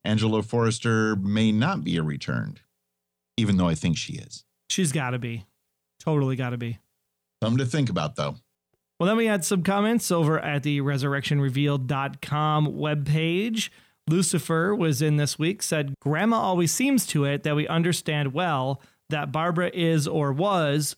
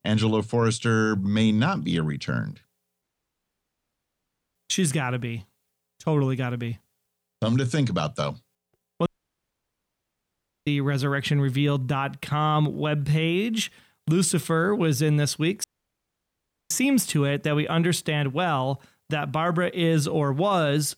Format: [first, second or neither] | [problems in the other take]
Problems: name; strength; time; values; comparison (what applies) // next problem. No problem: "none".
first | audio cutting out; at 3 s for 1.5 s, at 9 s for 1.5 s and at 16 s for 1 s